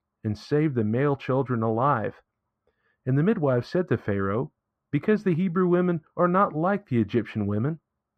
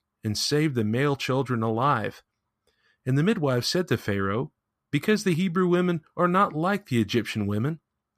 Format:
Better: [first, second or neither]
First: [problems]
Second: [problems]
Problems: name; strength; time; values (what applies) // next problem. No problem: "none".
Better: second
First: muffled; very; fading above 3 kHz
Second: none